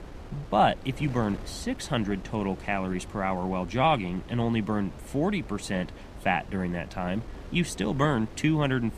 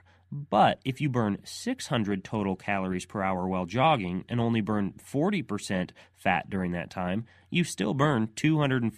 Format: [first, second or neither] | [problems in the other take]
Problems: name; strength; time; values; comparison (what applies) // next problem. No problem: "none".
second | wind noise on the microphone; occasional gusts; 20 dB below the speech